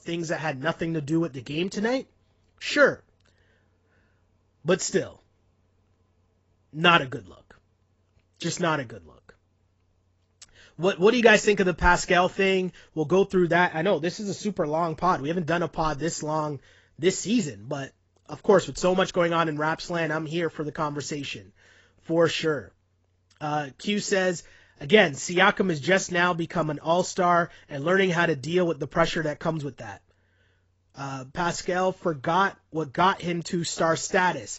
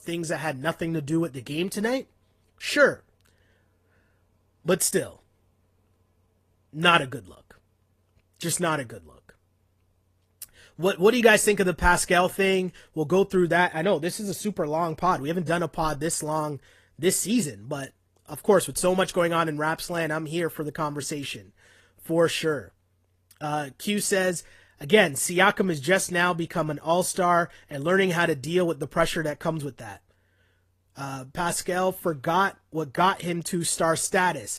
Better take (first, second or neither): second